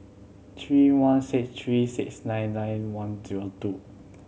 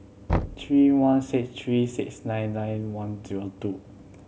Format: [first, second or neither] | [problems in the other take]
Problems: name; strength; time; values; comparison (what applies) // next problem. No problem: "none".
first | background sound (Knock); 11 dB below the speech